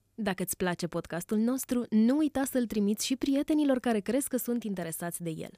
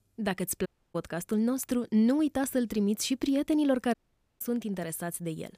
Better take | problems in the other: first | audio cutting out; at 0.5 s and at 4 s

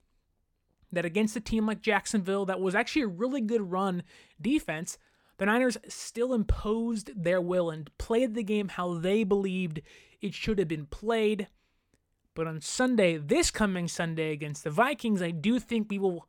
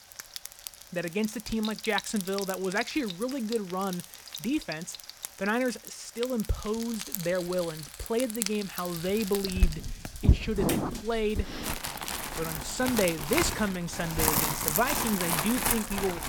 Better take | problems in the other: first | household noises; loud; throughout; 1 dB below the speech

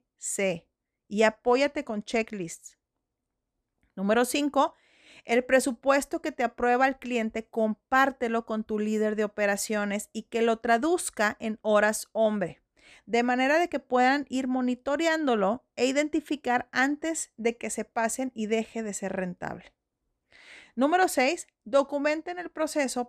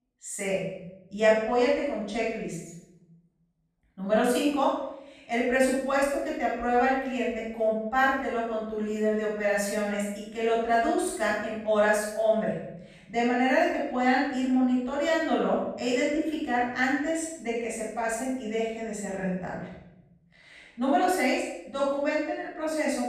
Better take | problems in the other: first | room echo; strong; dies away in 0.9 s // off-mic speech; far

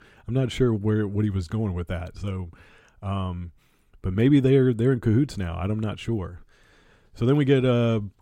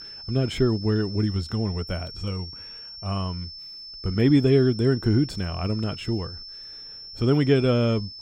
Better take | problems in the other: first | high-pitched whine; noticeable; throughout; 5.5 kHz, 15 dB below the speech

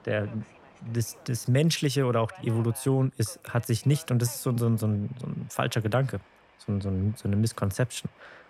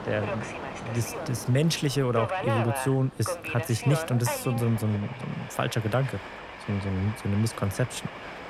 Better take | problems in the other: first | train or aircraft noise; loud; throughout; 7 dB below the speech; faint in the first

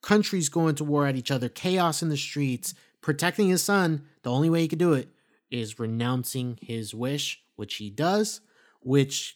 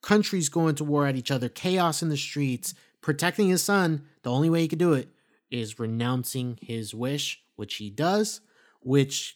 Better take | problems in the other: neither | none

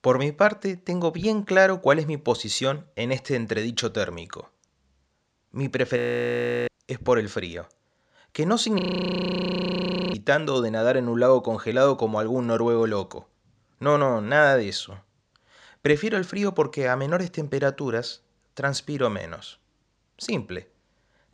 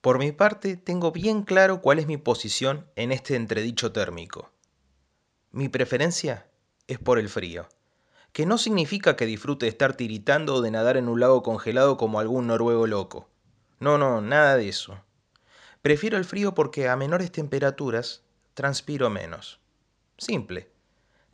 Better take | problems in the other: second | audio freezing; at 6 s for 0.5 s and at 9 s for 1.5 s

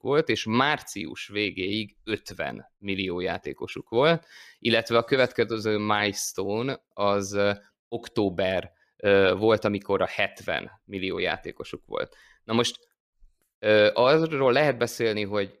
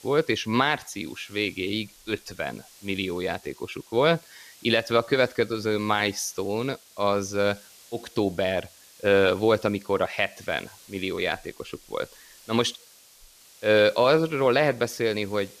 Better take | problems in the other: first | hiss; faint; throughout; 25 dB below the speech

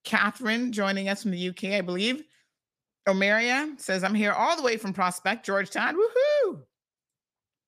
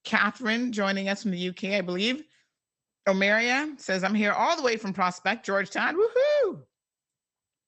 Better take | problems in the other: first | garbled, watery; slightly; nothing above 8 kHz

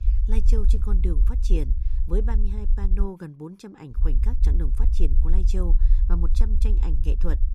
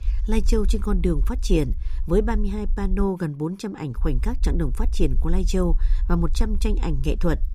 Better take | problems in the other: second | low rumble; loud; until 3 s and from 4 s on; 8 dB below the speech; faint in the second

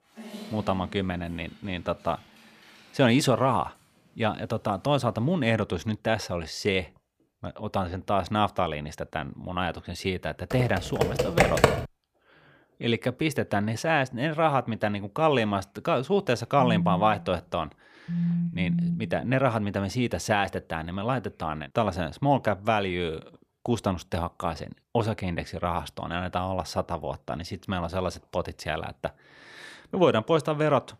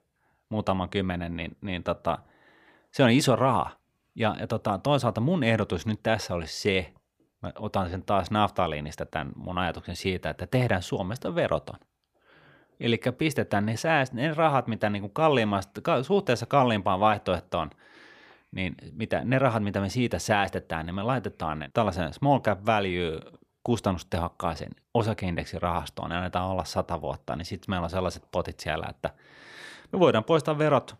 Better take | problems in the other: second | dog barking; faint; until 3.5 s; peak 15 dB below the speech // keyboard typing; loud; from 11 to 12 s; peak 6 dB above the speech // phone ringing; loud; from 17 to 19 s; peak 1 dB above the speech

